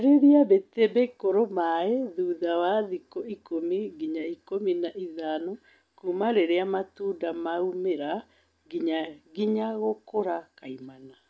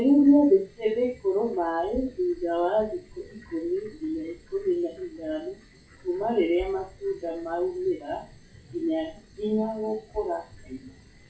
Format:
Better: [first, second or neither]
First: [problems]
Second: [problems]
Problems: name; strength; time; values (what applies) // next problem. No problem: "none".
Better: first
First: none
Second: noise reduction (classical method WPE with log-MMSE)